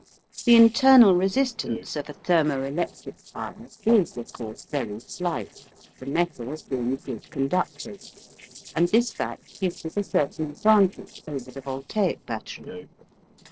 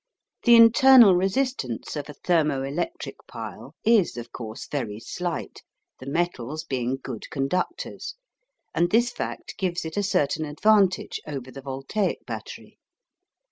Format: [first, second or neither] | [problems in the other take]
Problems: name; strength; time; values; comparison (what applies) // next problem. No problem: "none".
second | noise reduction (neural separator model SepFormer DNS4)